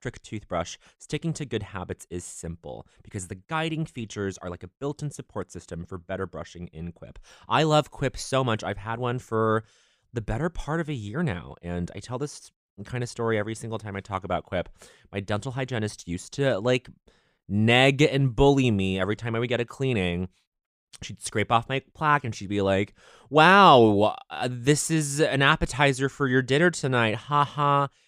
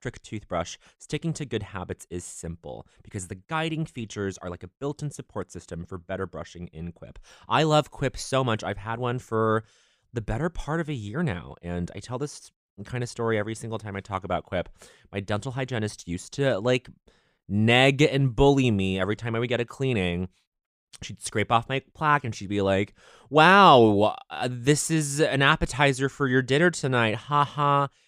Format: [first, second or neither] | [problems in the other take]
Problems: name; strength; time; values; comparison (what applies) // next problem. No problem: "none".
neither | none